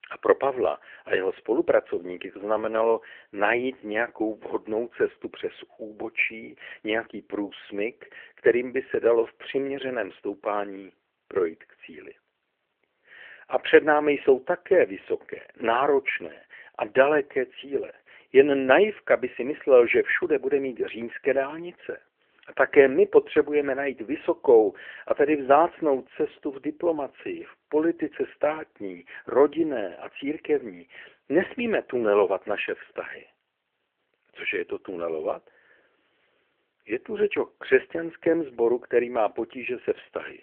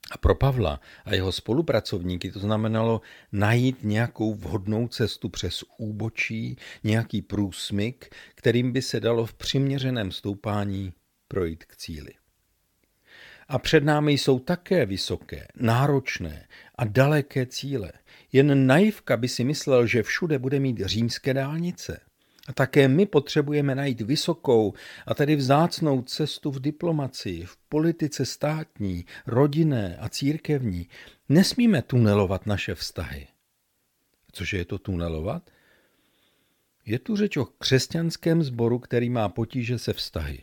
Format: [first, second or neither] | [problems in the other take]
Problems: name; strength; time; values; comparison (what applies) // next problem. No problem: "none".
second | phone-call audio